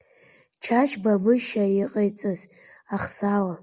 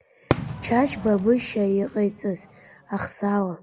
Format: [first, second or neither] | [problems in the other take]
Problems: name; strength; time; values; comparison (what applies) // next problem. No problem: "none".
first | background sound (Fireworks); 9 dB below the speech